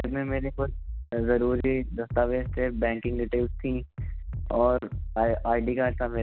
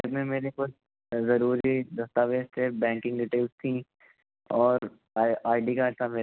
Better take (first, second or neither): second